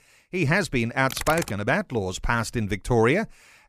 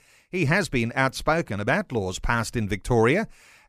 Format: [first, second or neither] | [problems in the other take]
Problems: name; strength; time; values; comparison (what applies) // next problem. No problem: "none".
second | keyboard typing; noticeable; at 1 s; peak 7 dB below the speech